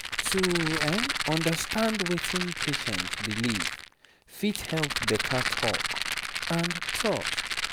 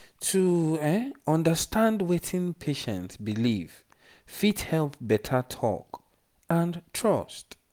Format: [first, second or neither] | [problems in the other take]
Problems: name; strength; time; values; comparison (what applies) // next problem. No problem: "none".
second | background sound (Rattle); as loud as the speech